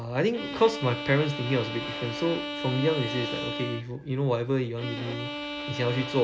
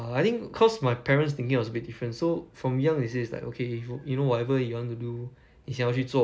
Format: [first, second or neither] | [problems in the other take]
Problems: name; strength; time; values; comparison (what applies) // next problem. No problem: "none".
second | background sound (Bowed string instrument); 7 dB below the speech